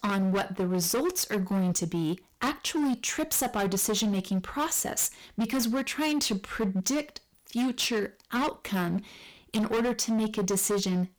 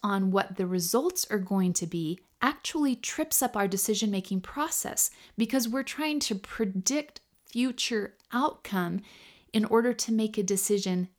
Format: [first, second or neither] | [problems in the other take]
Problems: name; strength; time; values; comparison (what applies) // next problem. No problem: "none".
second | distortion; heavy; 20% of the sound clipped